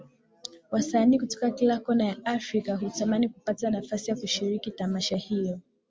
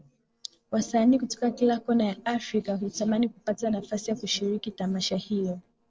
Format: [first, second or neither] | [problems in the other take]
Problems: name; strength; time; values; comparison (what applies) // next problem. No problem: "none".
first | noise reduction (neural separator model SepFormer DNS4)